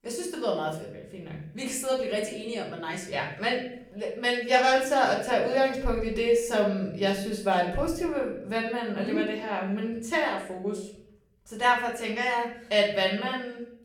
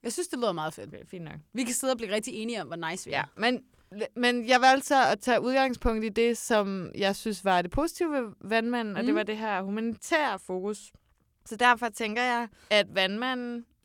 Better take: second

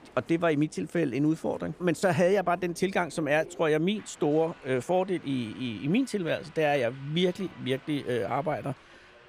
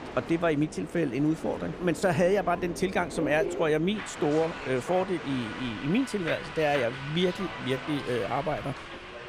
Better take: first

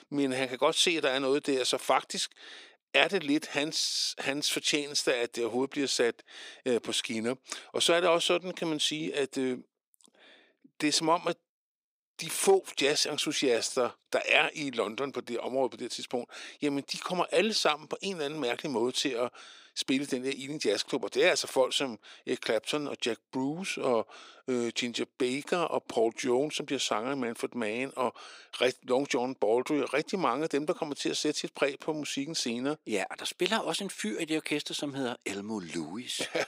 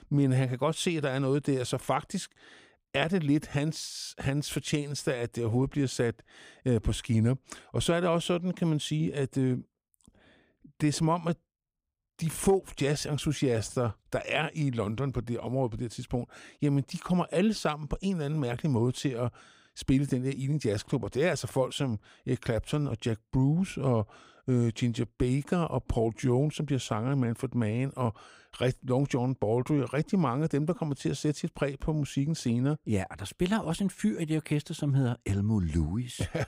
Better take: second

